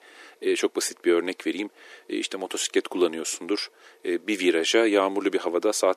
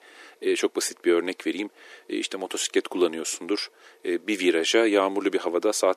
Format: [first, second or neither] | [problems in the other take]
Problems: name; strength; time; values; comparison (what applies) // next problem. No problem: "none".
neither | thin; very; fading below 300 Hz; the same in both